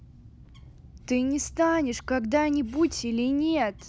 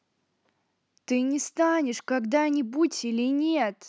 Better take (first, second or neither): second